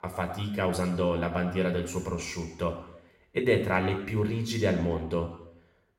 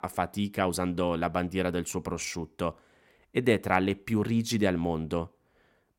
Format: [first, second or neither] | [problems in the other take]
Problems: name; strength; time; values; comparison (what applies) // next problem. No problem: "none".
second | room echo; noticeable; dies away in 0.8 s // off-mic speech; somewhat distant